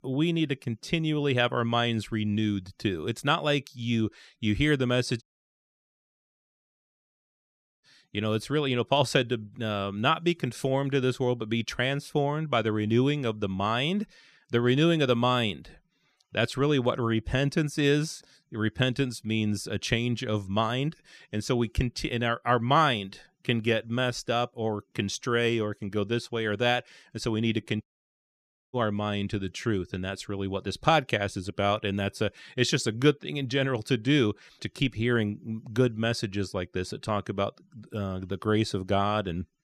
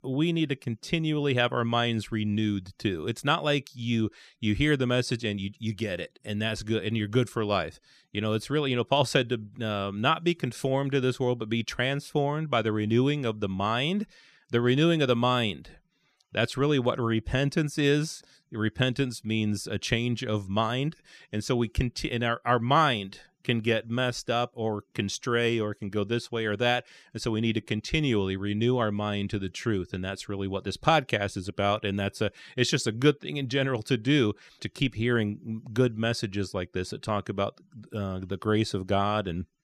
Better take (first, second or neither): second